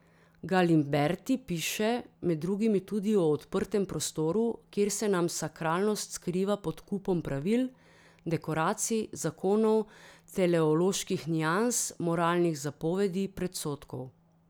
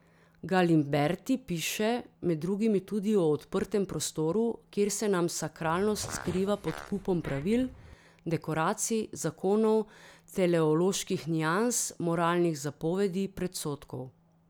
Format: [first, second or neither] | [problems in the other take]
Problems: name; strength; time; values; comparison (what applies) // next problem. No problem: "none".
first | background sound (Fart); 15 dB below the speech